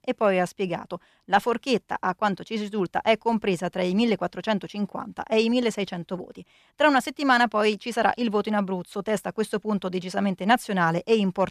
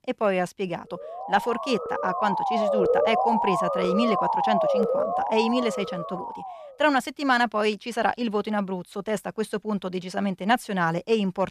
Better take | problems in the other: first | siren; loud; from 1 to 6.5 s; peak 4 dB above the speech

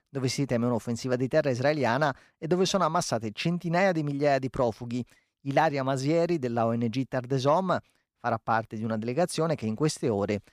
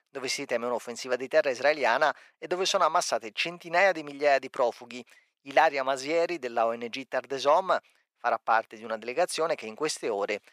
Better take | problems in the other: first | thin; very; fading below 550 Hz

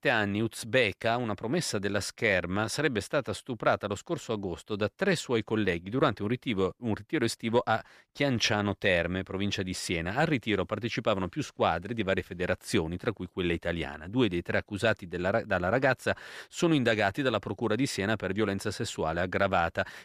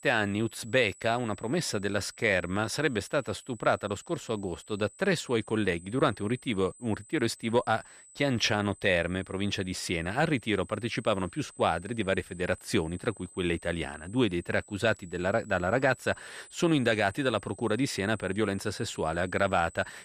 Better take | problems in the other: first | high-pitched whine; faint; throughout; 8 kHz, 20 dB below the speech

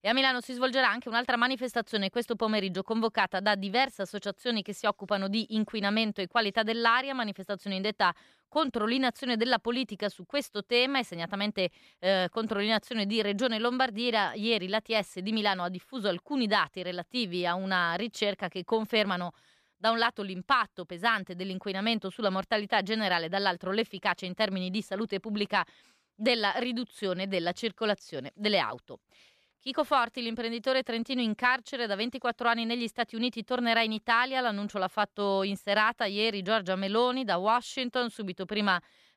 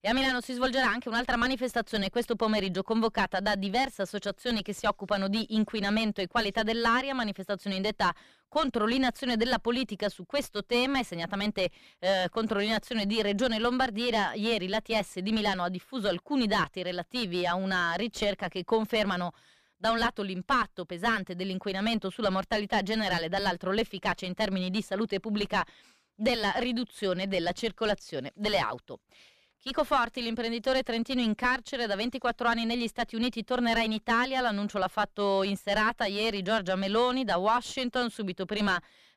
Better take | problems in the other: first | distortion; heavy; 4 dB below the speech

